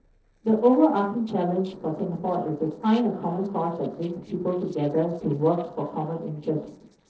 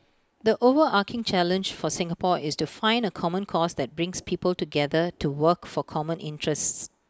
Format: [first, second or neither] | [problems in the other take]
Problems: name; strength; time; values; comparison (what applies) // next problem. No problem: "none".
second | noise reduction (neural separator model SepFormer DNS4)